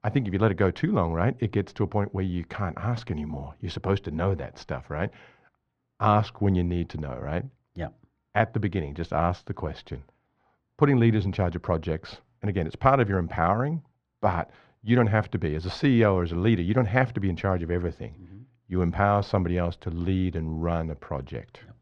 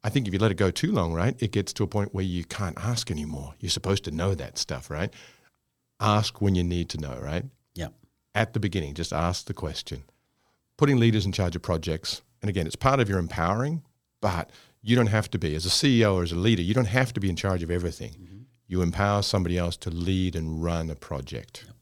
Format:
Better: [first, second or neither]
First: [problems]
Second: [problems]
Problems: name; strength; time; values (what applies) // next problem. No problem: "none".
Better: second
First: muffled; very; fading above 2 kHz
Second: none